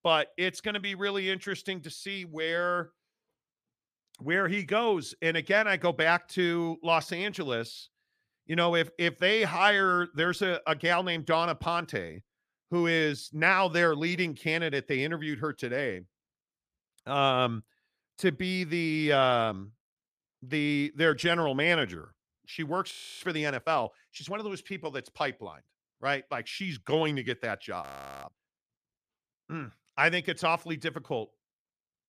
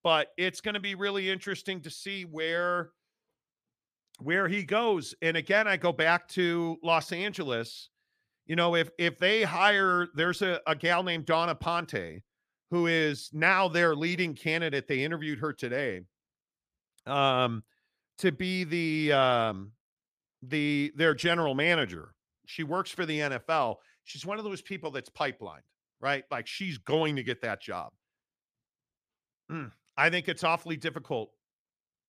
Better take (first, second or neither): second